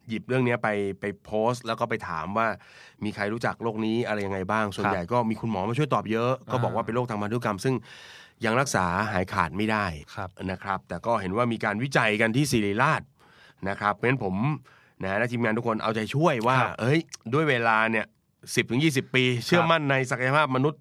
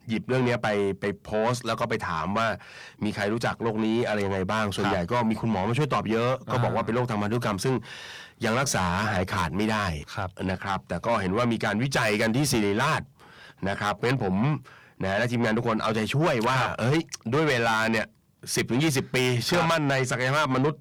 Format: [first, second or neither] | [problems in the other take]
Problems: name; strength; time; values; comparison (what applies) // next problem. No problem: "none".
first | distortion; heavy; 7 dB below the speech